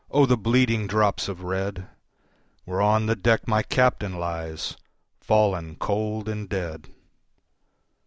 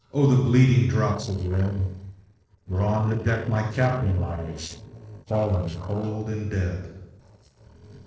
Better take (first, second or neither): first